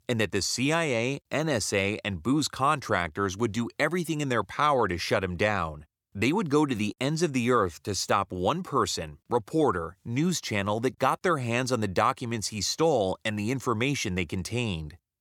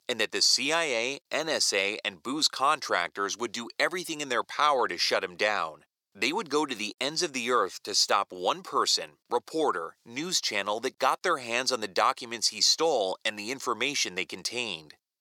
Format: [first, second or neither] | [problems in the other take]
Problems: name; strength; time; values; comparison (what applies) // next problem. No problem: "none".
first | thin; somewhat; fading below 450 Hz